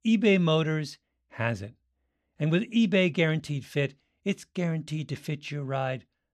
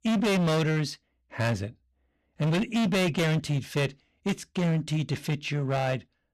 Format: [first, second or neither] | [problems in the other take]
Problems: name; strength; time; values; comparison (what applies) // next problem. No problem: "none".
first | distortion; heavy; 21% of the sound clipped